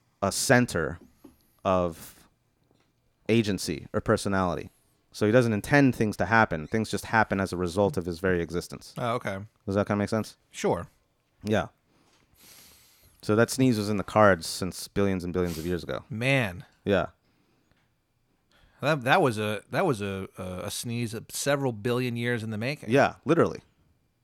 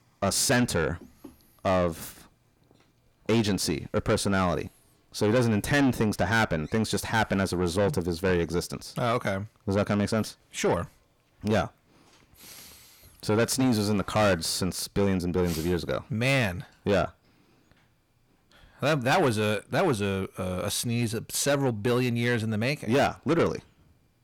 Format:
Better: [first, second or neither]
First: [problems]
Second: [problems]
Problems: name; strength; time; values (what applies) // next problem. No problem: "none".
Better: first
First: none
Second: distortion; heavy; 7 dB below the speech